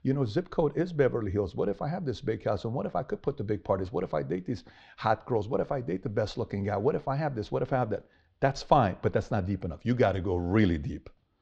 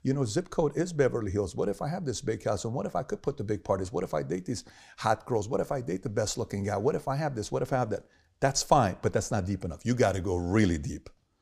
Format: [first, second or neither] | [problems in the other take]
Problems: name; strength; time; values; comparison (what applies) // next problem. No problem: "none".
second | muffled; slightly; fading above 3.5 kHz